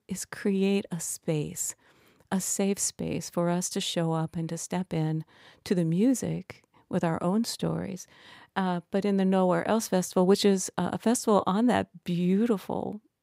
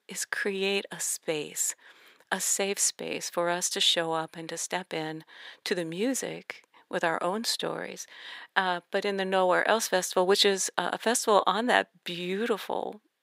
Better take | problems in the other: first | thin; somewhat; fading below 450 Hz

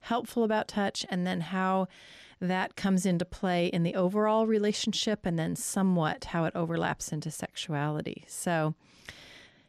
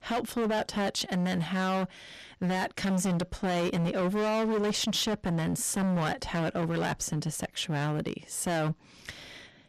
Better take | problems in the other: first | distortion; heavy; 22% of the sound clipped

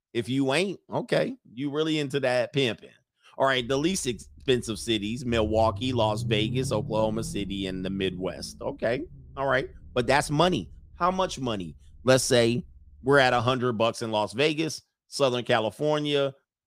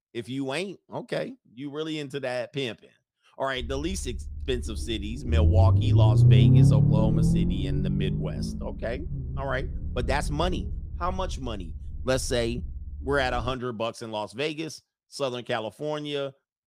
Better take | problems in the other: first | low rumble; loud; from 3.5 to 14 s; 2 dB below the speech; faint in the first

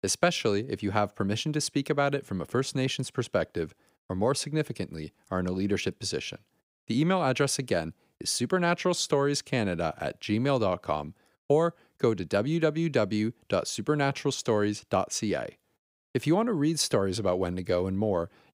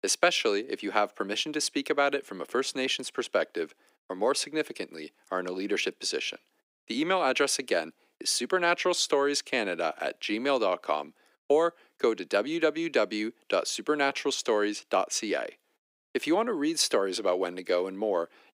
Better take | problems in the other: first | thin; somewhat; fading below 300 Hz

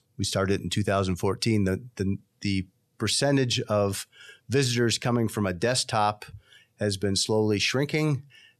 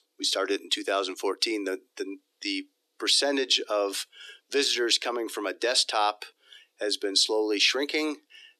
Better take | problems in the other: first | thin; somewhat; fading below 300 Hz

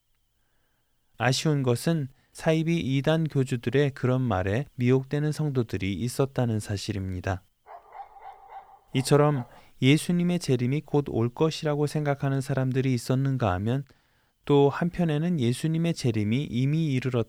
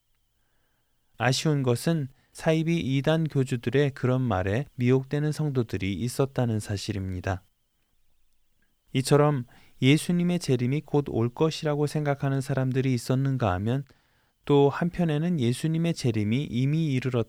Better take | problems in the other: second | dog barking; faint; from 7.5 to 9.5 s; peak 20 dB below the speech

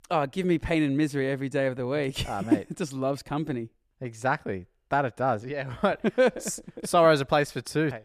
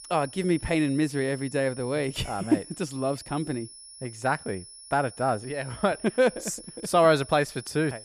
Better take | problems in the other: first | high-pitched whine; noticeable; throughout; 10.5 kHz, 15 dB below the speech

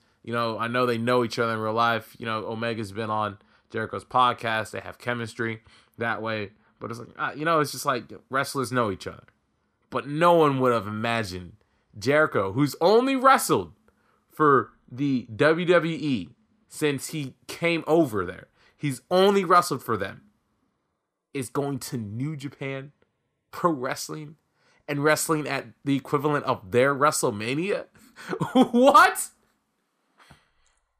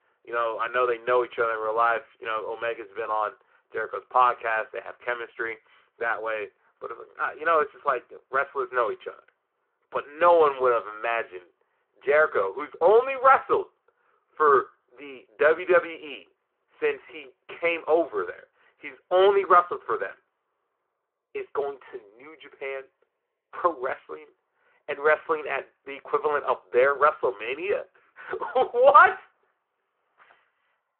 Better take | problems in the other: first | phone-call audio

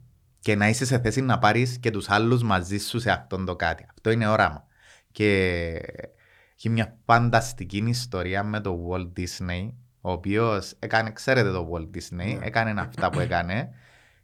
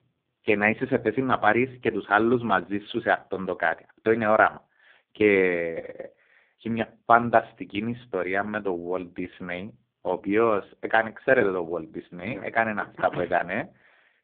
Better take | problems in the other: first | phone-call audio; poor line

